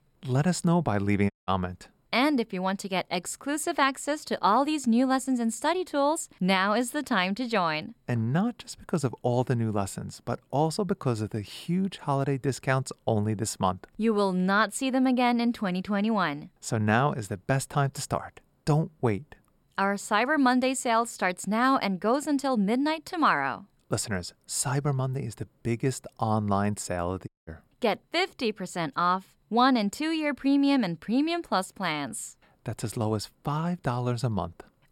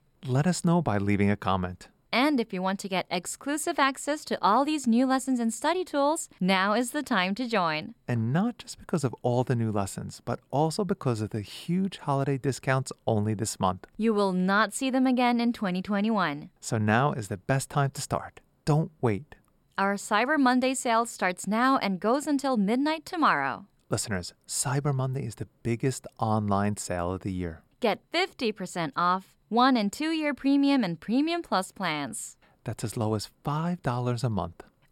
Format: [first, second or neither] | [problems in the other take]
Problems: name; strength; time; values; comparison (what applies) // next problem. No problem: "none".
second | audio cutting out; at 1.5 s and at 27 s